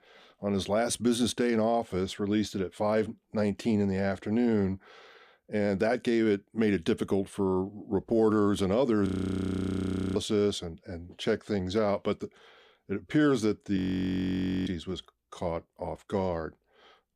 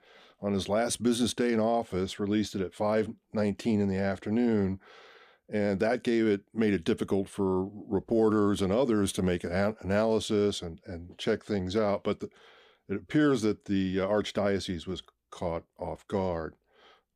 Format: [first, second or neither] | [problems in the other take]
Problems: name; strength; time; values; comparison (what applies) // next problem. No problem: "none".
second | audio freezing; at 9 s for 1 s and at 14 s for 1 s